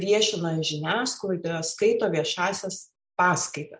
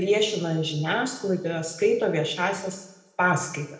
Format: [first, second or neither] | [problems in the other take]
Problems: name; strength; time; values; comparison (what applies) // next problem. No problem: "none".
first | room echo; dies away in 0.9 s